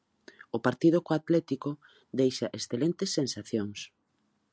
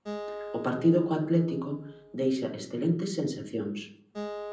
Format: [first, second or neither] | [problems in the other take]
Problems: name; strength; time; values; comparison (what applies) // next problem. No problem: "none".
first | background sound (Acoustic guitar); 12 dB below the speech // room echo; dies away in 0.6 s